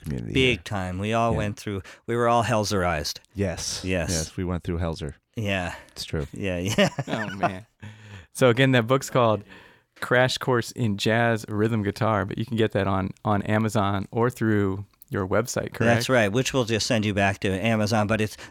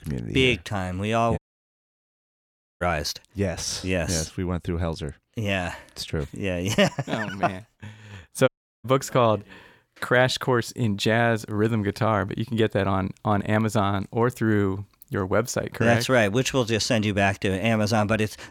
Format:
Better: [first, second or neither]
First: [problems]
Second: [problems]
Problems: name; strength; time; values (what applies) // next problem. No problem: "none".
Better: first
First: none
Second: audio cutting out; at 1.5 s for 1.5 s and at 8.5 s